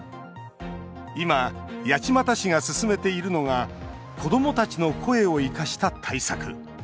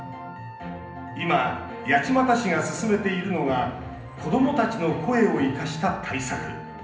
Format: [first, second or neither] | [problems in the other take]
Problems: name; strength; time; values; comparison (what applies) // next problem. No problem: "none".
first | background sound (Wind instrument, woodwind instrument); 18 dB below the speech // room echo; dies away in 0.8 s